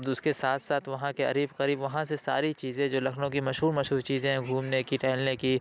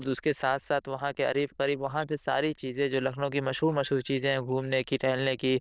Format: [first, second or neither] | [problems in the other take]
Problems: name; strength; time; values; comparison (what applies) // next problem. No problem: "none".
first | noise reduction (neural diffusion model UNIVERSE++)